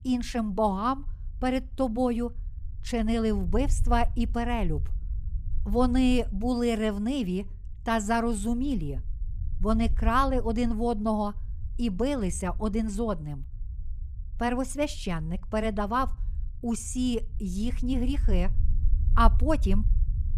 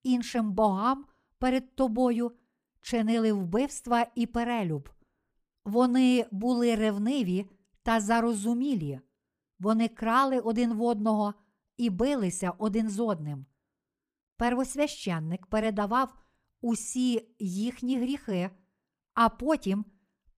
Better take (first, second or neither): second